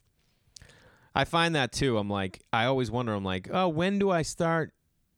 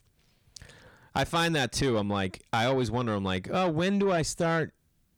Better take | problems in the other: first | distortion; slight; 10 dB below the speech

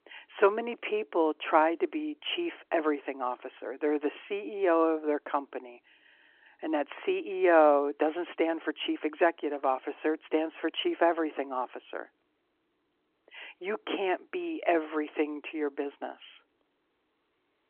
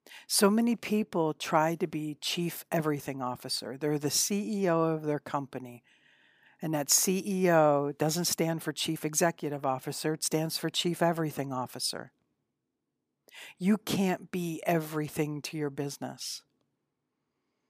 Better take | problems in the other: second | phone-call audio; nothing above 3 kHz

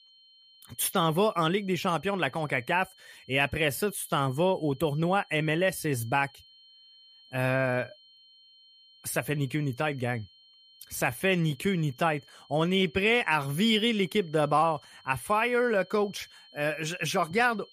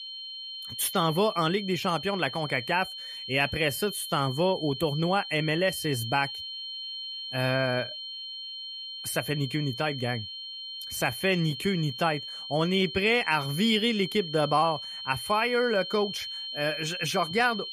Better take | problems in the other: first | high-pitched whine; loud; throughout; 3 kHz, 8 dB below the speech; faint in the first

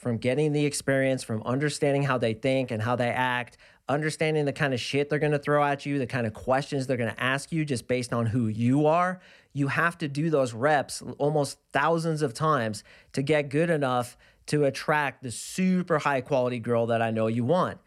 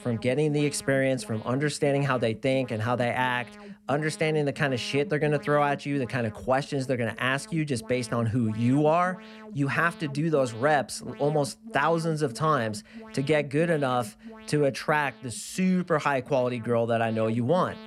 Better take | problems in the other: first | alarms or sirens; noticeable; throughout; 20 dB below the speech

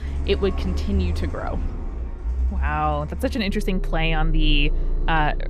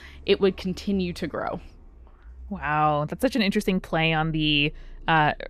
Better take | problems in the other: second | traffic noise; loud; throughout; 3 dB below the speech; faint in the second

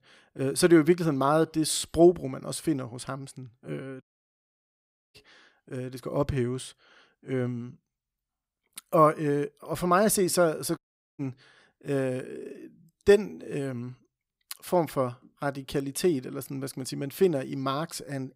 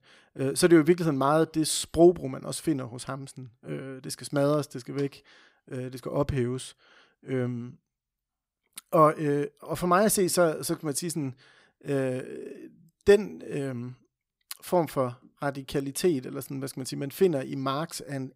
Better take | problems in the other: second | audio cutting out; at 4 s for 1 s and at 11 s

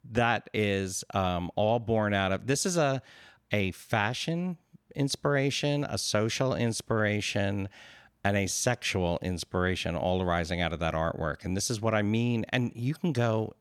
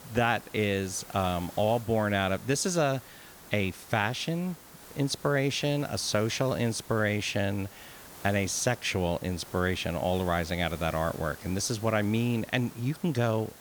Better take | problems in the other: first | hiss; noticeable; throughout; 20 dB below the speech

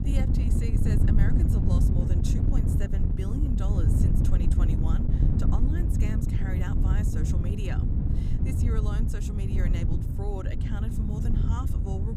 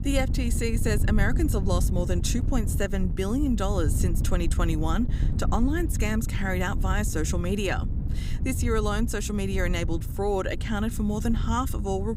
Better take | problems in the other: second | wind noise on the microphone; heavy; 3 dB above the speech; occasional gusts in the second

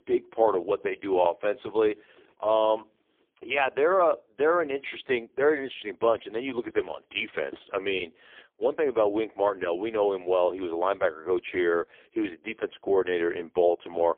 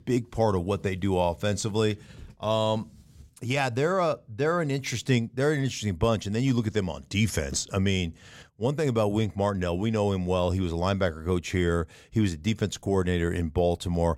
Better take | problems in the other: second | phone-call audio; poor line; nothing above 3.5 kHz

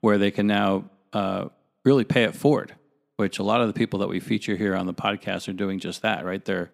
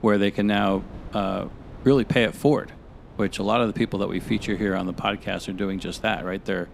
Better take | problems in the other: first | wind noise on the microphone; occasional gusts; 20 dB below the speech

